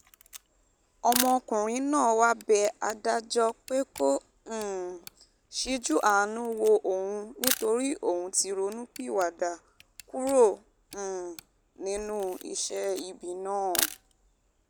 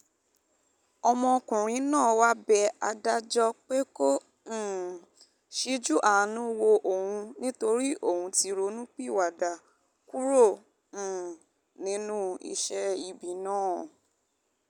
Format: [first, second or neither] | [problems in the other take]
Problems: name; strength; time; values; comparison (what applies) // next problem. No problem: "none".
second | background sound (Camera); 12 dB below the speech